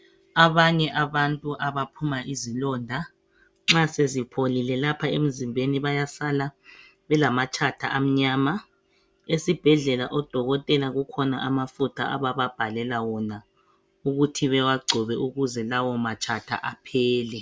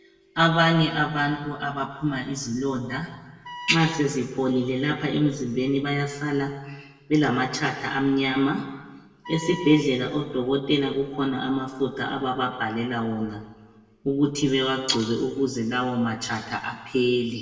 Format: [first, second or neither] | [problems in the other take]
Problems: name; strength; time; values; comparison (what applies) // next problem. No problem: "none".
first | background sound (Wind instrument, woodwind instrument); 15 dB below the speech // room echo; dies away in 1.1 s